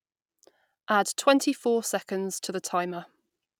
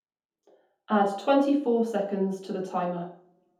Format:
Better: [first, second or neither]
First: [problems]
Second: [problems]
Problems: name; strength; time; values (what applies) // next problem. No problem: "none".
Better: first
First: none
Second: room echo; dies away in 0.6 s